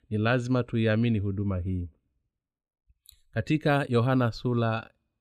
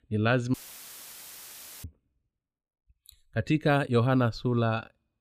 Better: first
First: none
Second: audio cutting out; filled with static; at 0.5 s for 1.5 s

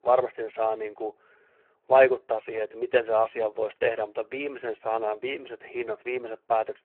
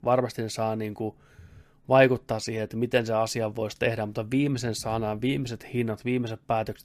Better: second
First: phone-call audio; poor line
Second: none

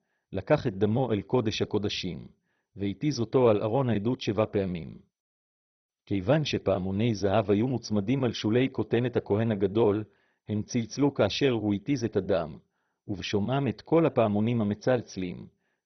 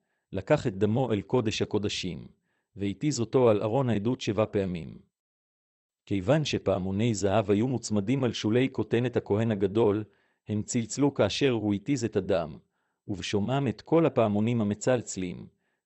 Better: second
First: garbled, watery; badly; nothing above 6 kHz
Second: garbled, watery; slightly; nothing above 8 kHz

